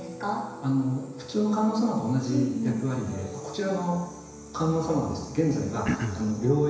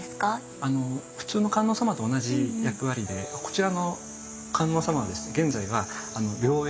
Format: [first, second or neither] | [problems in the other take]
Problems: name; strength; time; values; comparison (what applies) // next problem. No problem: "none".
second | background sound (Cough); 2 dB below the speech // room echo; dies away in 1 s